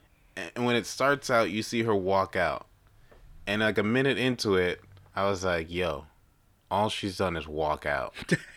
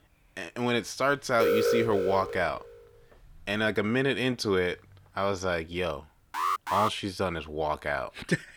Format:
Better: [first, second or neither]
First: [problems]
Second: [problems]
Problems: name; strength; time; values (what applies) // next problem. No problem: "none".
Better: first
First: none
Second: alarm; loud; from 1.5 to 2.5 s and at 6.5 s; peak 4 dB above the speech